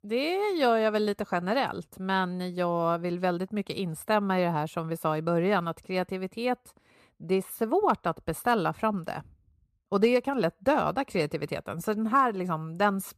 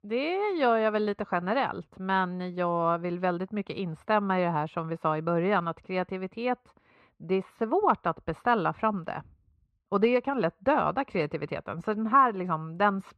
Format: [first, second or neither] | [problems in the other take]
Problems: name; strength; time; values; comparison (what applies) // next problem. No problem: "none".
first | muffled; slightly; fading above 2.5 kHz